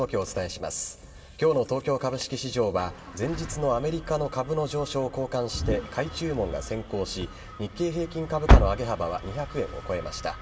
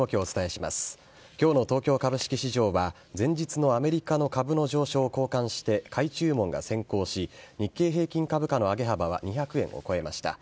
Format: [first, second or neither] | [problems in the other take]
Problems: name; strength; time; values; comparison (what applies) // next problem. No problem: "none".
second | background sound (Engine starting); 1 dB below the speech // room echo; dies away in 2.2 s